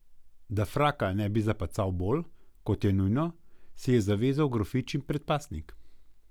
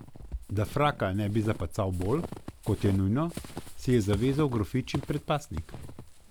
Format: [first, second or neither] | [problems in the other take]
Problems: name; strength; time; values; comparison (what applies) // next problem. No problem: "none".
first | background sound (Squeak / Walk, footsteps); 13 dB below the speech